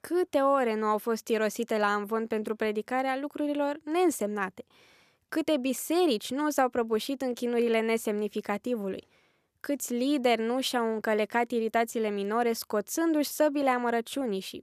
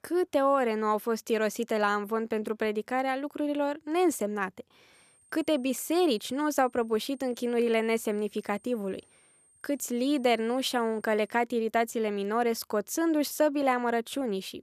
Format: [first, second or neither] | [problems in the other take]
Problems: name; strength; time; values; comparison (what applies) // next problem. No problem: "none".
first | high-pitched whine; faint; from 5 to 11 s; 8.5 kHz, 30 dB below the speech